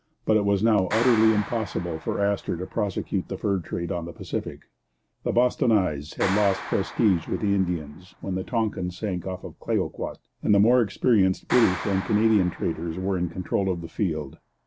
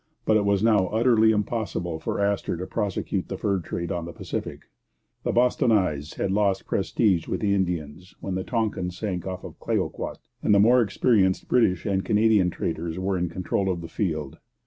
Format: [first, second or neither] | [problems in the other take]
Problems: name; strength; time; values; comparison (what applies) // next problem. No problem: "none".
second | background sound (Clapping); 15 dB below the speech